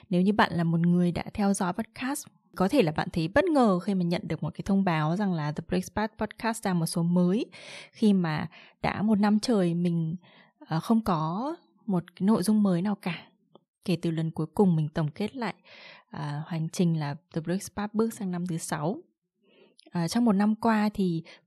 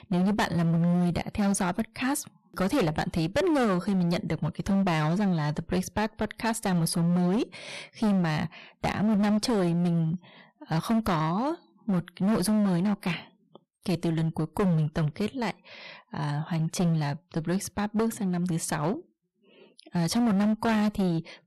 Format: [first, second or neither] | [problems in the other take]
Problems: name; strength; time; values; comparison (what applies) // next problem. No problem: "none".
first | distortion; heavy; 17% of the sound clipped